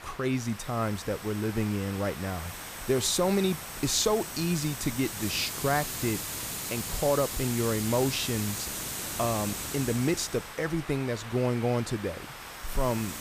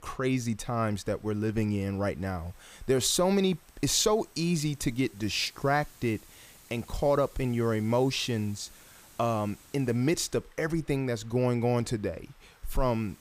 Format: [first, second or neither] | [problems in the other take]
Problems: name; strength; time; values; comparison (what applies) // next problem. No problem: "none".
second | hiss; loud; throughout; 6 dB below the speech; faint in the second